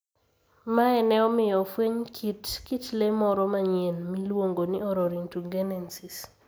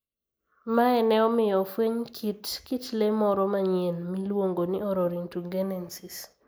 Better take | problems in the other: first | noise reduction (neural mask model Resemble Enhance denoiser)

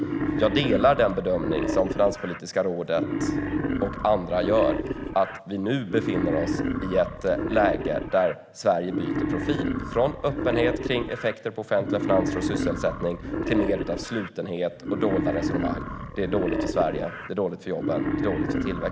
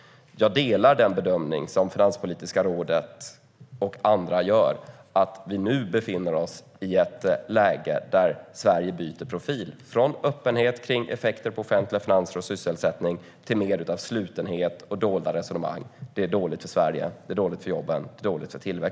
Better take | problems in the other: second | background sound (Wild animals); 3 dB below the speech

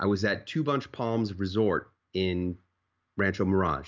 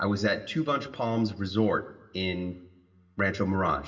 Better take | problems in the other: first | room echo; dies away in 0.8 s

